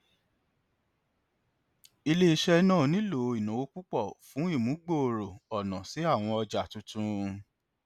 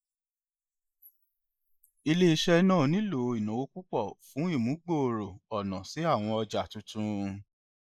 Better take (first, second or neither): first